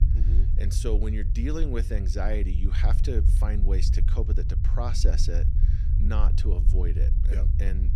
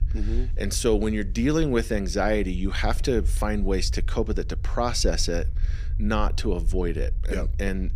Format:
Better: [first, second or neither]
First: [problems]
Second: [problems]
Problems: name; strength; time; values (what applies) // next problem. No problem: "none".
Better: second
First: low rumble; loud; throughout; 7 dB below the speech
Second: low rumble; faint; throughout; 25 dB below the speech